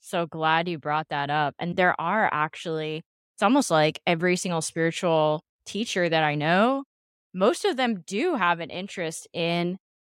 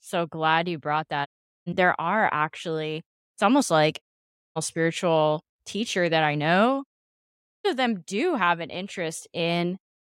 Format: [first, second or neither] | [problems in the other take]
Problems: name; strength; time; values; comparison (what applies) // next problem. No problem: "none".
first | audio cutting out; at 1.5 s, at 4 s for 0.5 s and at 7.5 s